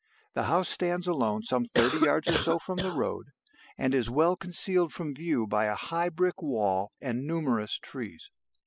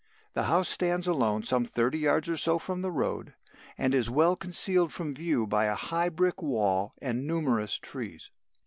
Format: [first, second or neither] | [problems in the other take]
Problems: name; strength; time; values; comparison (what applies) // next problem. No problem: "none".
second | noise reduction (classical method spectral subtraction)